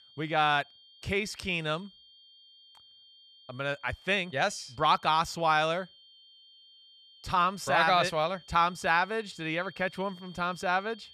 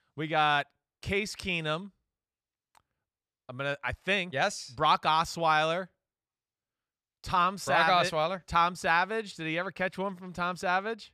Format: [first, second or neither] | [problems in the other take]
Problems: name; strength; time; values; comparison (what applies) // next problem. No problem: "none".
second | high-pitched whine; faint; throughout; 3 kHz, 25 dB below the speech